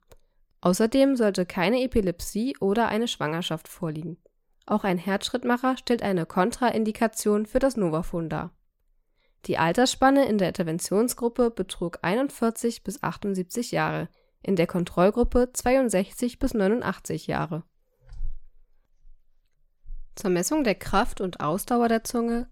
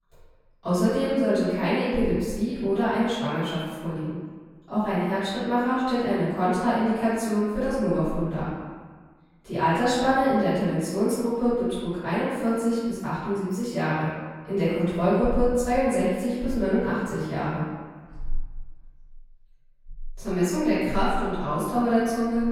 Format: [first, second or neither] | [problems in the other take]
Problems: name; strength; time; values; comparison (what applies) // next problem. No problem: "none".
first | off-mic speech; far // room echo; strong; dies away in 1.4 s